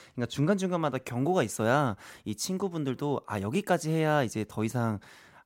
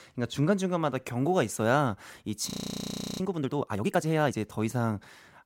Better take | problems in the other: first | audio freezing; at 2.5 s for 0.5 s

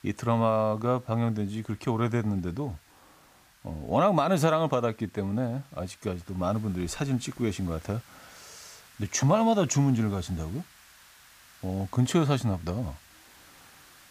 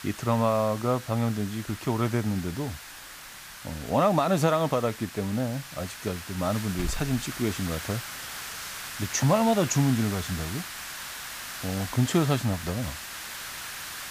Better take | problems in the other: first | hiss; loud; throughout; 10 dB below the speech; faint in the first

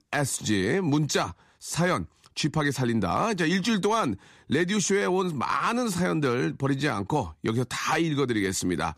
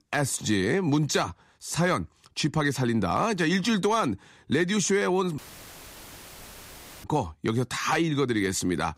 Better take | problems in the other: first | audio cutting out; filled with static; at 5.5 s for 1.5 s

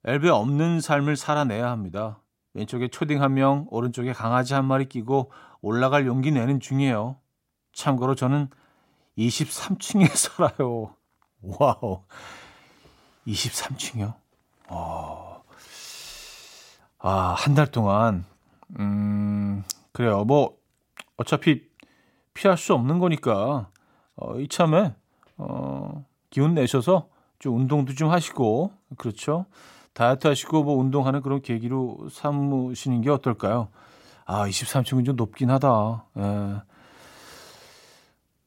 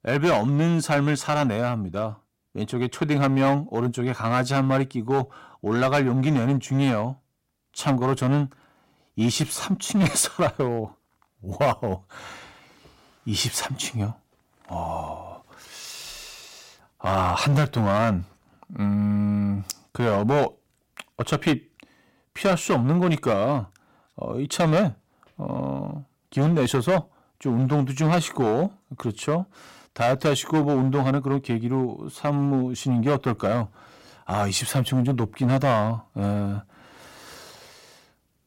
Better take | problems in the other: first | distortion; slight; 6% of the sound clipped

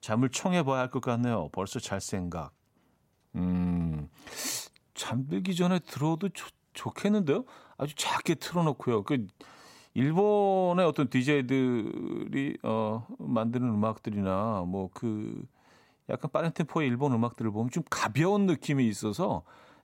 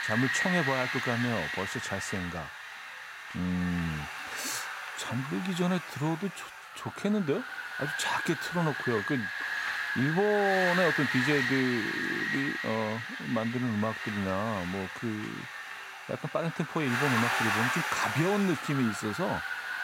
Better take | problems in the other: first | wind noise on the microphone; heavy; 2 dB above the speech

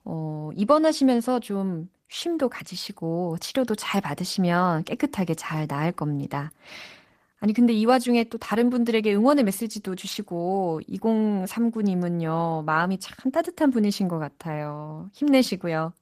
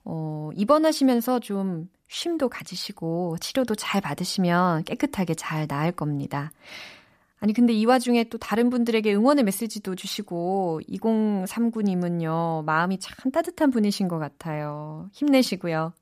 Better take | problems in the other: second | garbled, watery; slightly; nothing above 14.5 kHz

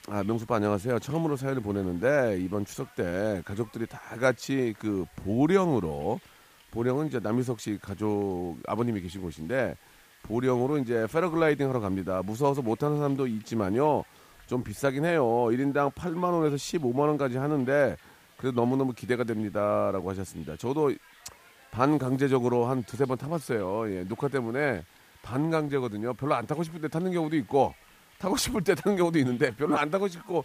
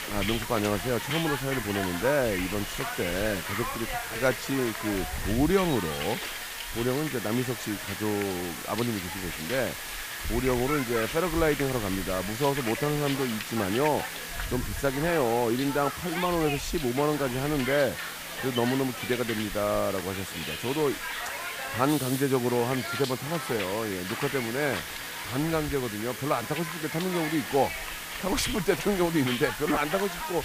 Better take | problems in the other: first | hiss; loud; throughout; 4 dB below the speech; faint in the first

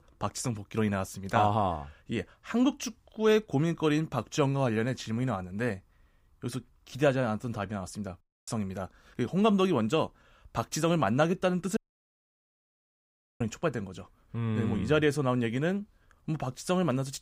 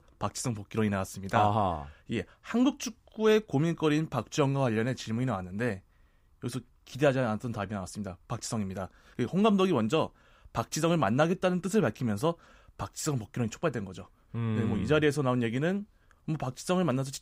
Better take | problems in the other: second | audio cutting out; at 8 s and at 12 s for 1.5 s

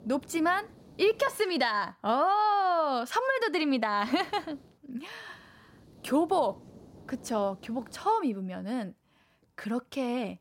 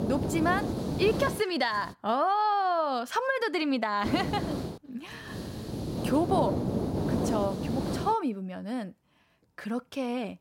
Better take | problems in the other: first | hiss; loud; until 2 s and from 4 to 8.5 s; 3 dB below the speech; faint in the first

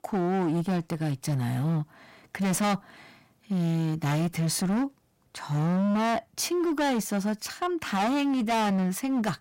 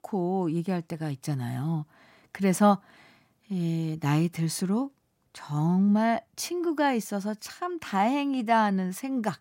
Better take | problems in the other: second | distortion; heavy; 25% of the sound clipped

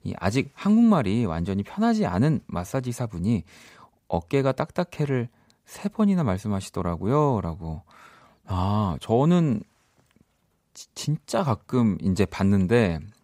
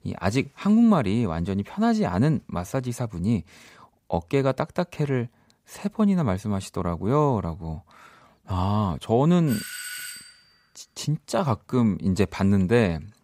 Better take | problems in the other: first | doorbell; noticeable; at 9.5 s; peak 8 dB below the speech

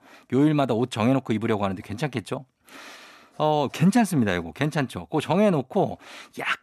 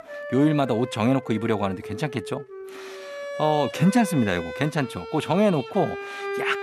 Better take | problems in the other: first | background music; noticeable; throughout; 10 dB below the speech

